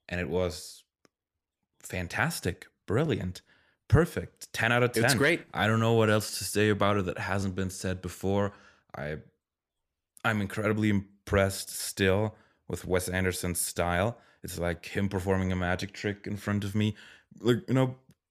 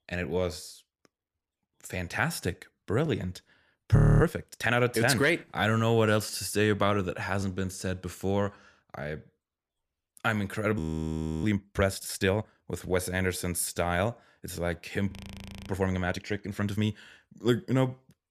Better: first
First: none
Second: audio freezing; at 4 s, at 11 s for 0.5 s and at 15 s for 0.5 s

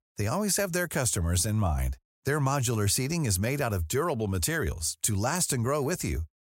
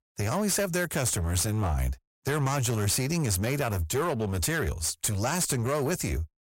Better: first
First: none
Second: distortion; slight; 17% of the sound clipped

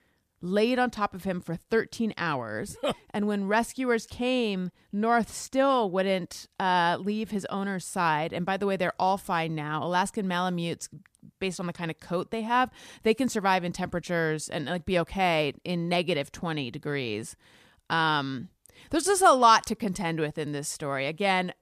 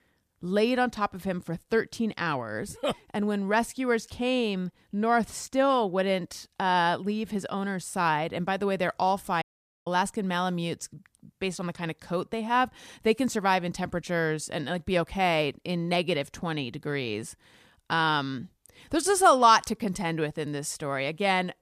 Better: first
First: none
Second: audio cutting out; at 9.5 s

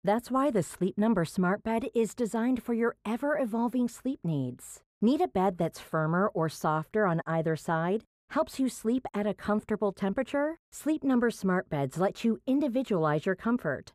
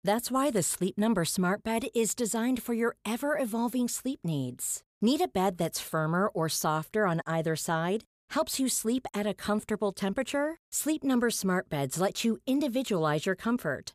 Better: second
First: muffled; slightly; fading above 2.5 kHz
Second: none

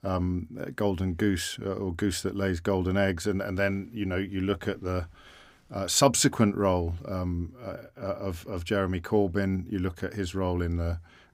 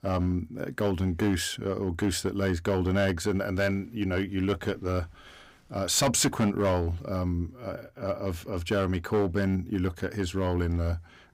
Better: first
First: none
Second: distortion; slight; 4% of the sound clipped

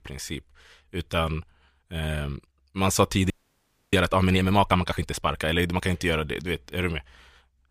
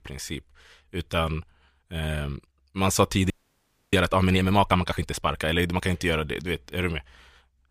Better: neither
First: audio freezing; at 3.5 s for 0.5 s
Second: audio freezing; at 3.5 s for 0.5 s

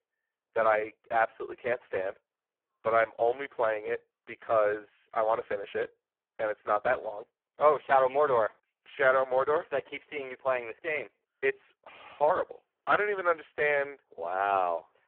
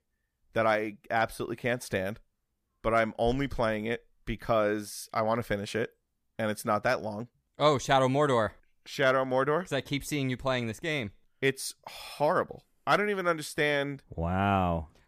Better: second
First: phone-call audio; poor line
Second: none

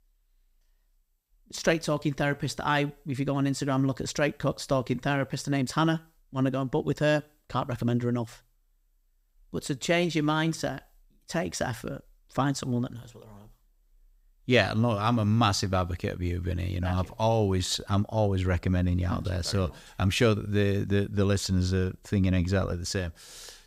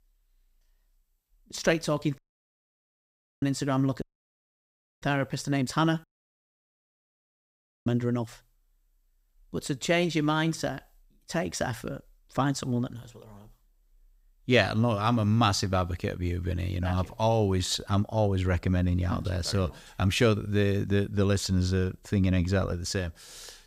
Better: first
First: none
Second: audio cutting out; at 2 s for 1 s, at 4 s for 1 s and at 6 s for 2 s

